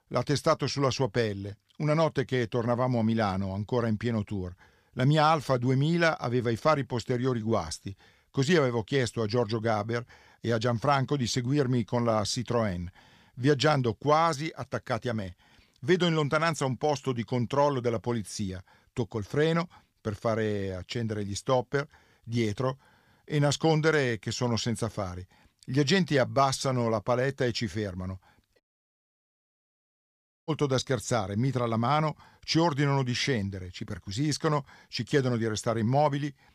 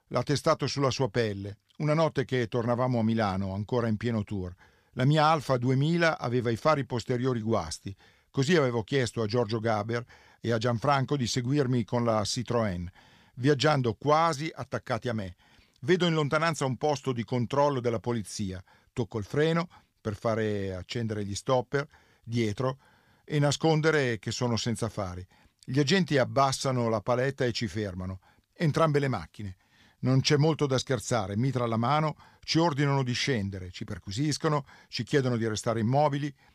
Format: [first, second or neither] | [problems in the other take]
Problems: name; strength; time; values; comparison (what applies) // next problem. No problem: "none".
second | audio cutting out; at 29 s for 2 s